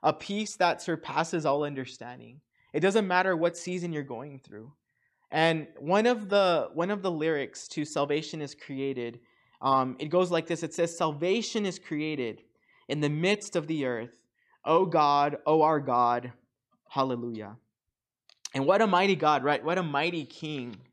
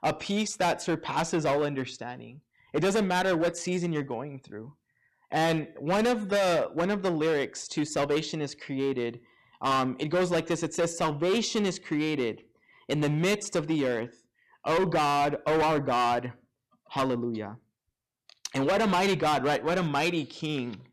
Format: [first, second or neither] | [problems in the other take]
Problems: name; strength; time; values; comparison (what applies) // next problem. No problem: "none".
first | distortion; heavy; 12% of the sound clipped